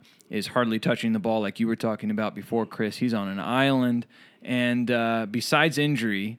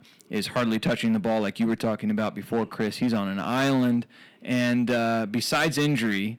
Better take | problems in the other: first | distortion; slight; 8% of the sound clipped

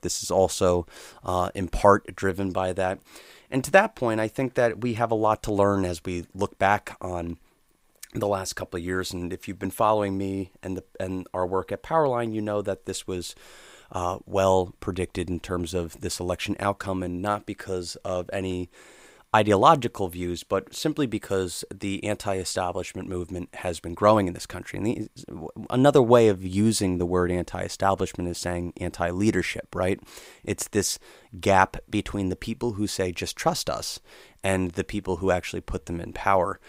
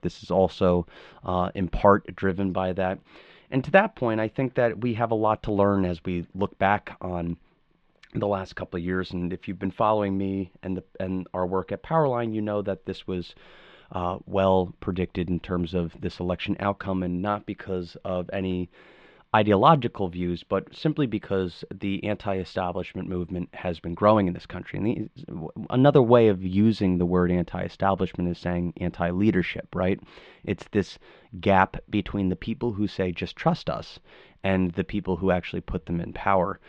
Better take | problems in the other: first | muffled; slightly; fading above 3.5 kHz

